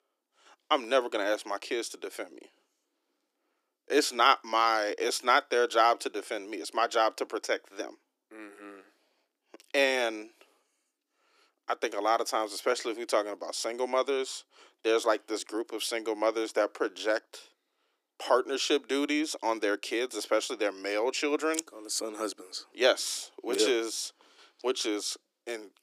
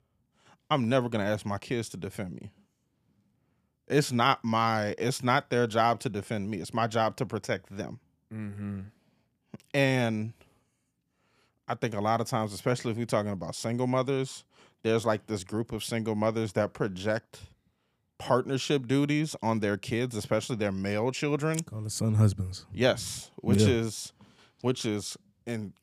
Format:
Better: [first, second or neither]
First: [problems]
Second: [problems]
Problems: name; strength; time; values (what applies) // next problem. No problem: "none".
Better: second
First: thin; very; fading below 300 Hz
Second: none